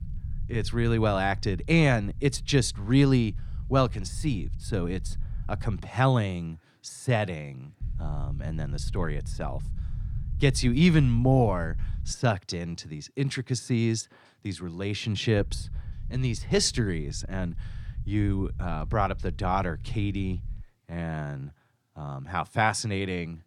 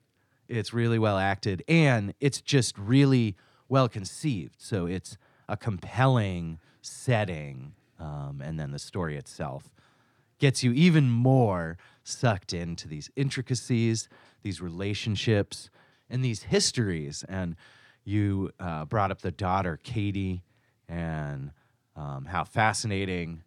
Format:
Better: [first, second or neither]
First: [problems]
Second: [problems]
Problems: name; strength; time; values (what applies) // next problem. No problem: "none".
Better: second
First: low rumble; faint; until 6 s, from 8 to 12 s and from 15 to 21 s; 25 dB below the speech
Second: none